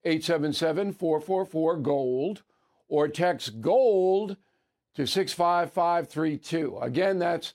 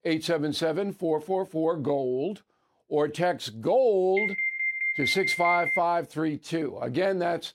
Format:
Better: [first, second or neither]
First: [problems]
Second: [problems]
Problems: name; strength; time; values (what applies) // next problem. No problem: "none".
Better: first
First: none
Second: alarm; loud; from 4 to 6 s; peak 1 dB above the speech